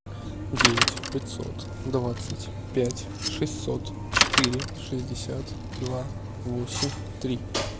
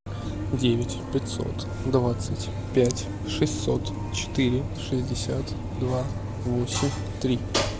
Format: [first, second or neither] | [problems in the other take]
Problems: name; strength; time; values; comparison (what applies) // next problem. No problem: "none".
second | background sound (Bicycle); 1 dB below the speech